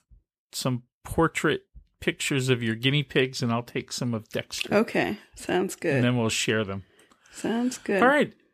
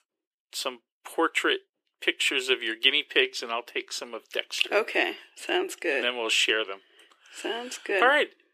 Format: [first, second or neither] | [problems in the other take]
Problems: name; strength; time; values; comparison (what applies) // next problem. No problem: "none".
first | thin; very; fading below 350 Hz